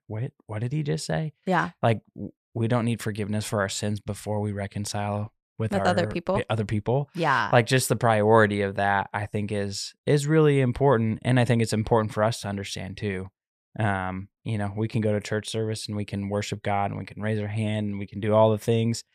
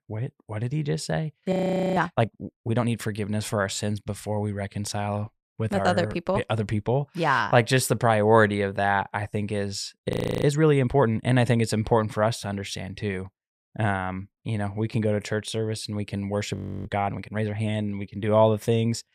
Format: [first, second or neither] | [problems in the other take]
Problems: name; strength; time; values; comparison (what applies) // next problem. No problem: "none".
first | audio freezing; at 1.5 s, at 10 s and at 17 s